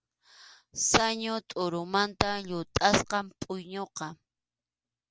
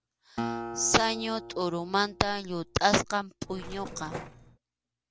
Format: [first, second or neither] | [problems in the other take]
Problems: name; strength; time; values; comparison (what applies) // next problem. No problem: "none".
first | background sound (Acoustic guitar + Mechanisms); 10 dB below the speech